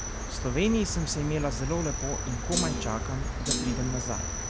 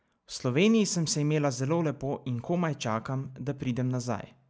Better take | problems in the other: second | background sound (Thump, thud + Cricket); 1 dB below the speech

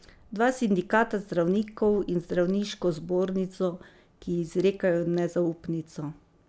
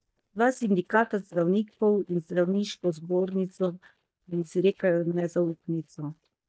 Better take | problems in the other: first | noise reduction (neural mask model DeepFilterNet 3)

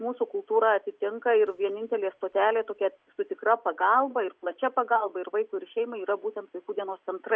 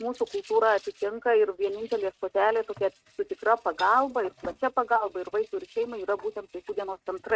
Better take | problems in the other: first | noise reduction (neural mask model RNNoise)

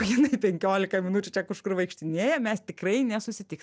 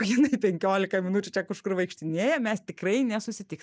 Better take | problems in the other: first | noise reduction (neural mask model Resemble Enhance denoiser)

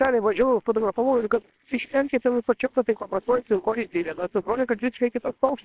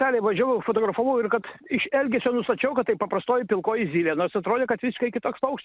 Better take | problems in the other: second | noise reduction (neural separator model SepFormer WHAMR!)

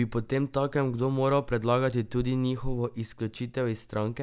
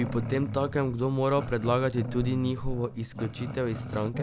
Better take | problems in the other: first | background sound (Growling); 8 dB below the speech

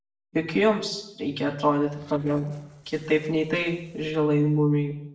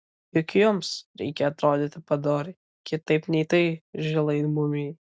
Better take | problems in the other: second | noise reduction (neural separator model SepFormer DNS4)

